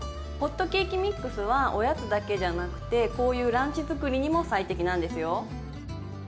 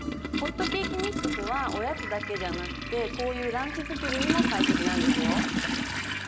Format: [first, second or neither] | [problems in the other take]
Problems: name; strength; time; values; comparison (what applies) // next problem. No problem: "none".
first | background sound (Toilet flush); 3 dB above the speech